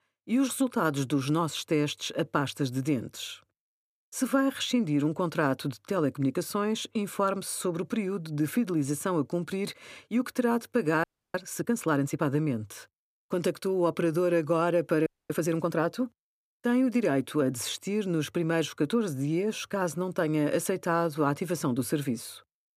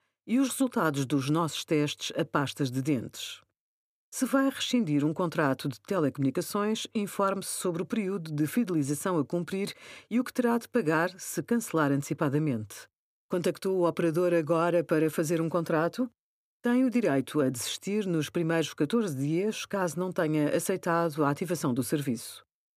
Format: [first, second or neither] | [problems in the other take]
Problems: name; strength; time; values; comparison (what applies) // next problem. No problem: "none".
second | audio freezing; at 11 s and at 15 s